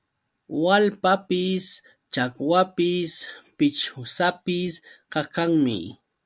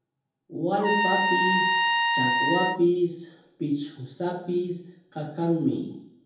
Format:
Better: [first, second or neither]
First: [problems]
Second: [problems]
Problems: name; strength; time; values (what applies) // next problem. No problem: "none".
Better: first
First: none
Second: background sound (Trumpet); 3 dB above the speech // room echo; dies away in 0.7 s